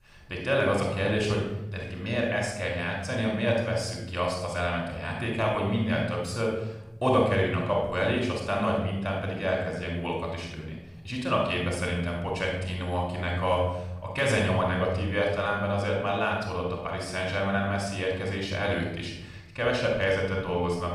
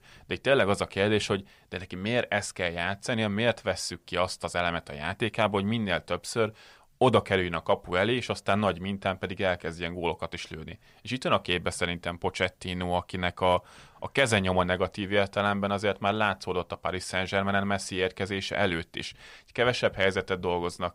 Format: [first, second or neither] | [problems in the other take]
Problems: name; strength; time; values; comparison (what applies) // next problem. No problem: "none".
second | off-mic speech; somewhat distant // room echo; noticeable; dies away in 1.2 s